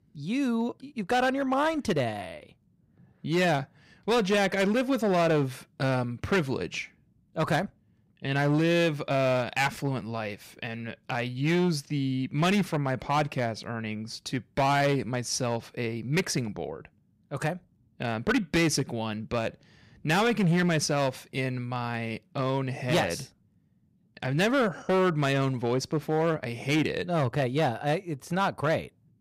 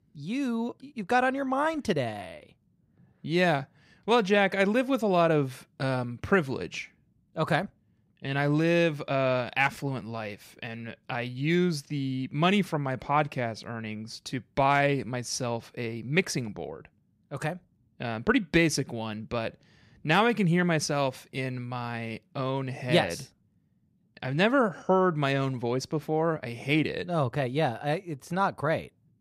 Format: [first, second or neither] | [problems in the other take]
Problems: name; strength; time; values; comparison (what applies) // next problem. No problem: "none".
second | distortion; slight; 7% of the sound clipped